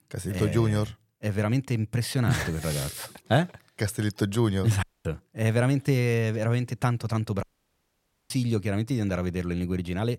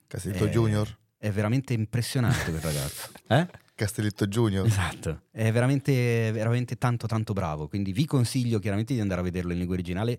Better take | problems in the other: second | audio cutting out; at 5 s and at 7.5 s for 1 s

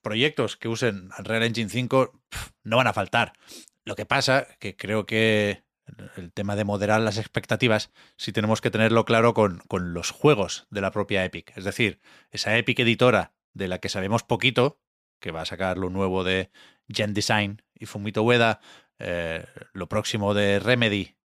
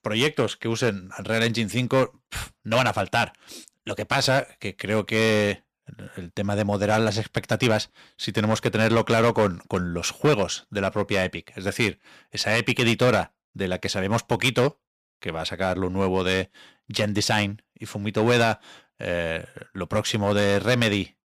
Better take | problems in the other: first | distortion; slight; 5% of the sound clipped

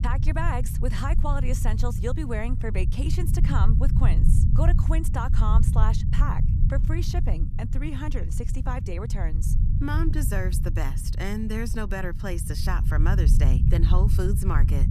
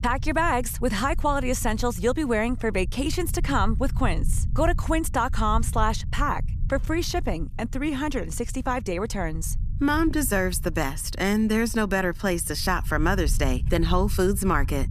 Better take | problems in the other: second | low rumble; loud; throughout; 6 dB below the speech; faint in the second

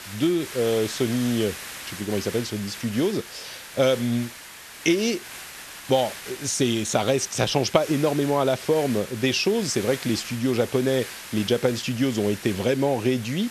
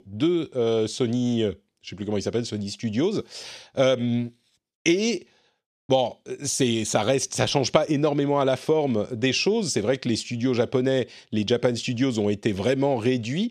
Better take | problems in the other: second | hiss; noticeable; throughout; 10 dB below the speech

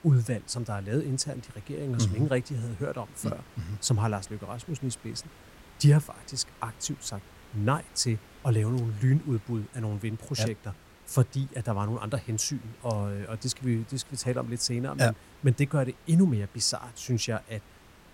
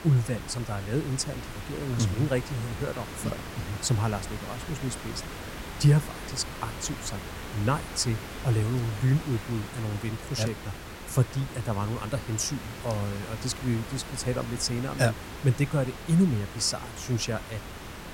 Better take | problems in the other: first | hiss; loud; throughout; 10 dB below the speech; faint in the first

